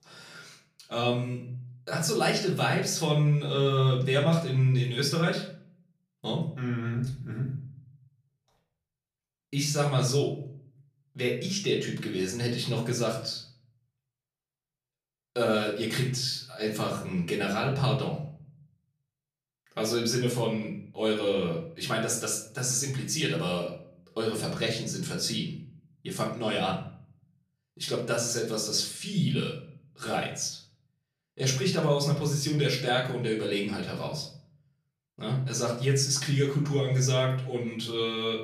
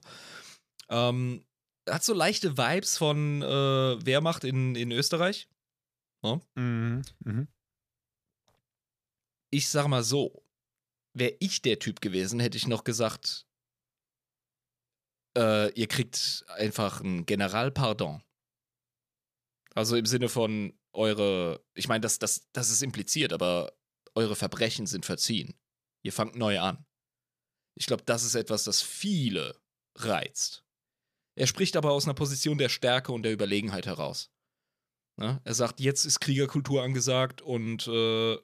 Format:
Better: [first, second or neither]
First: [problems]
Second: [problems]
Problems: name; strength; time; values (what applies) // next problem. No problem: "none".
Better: second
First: off-mic speech; far // room echo; slight; dies away in 0.5 s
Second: none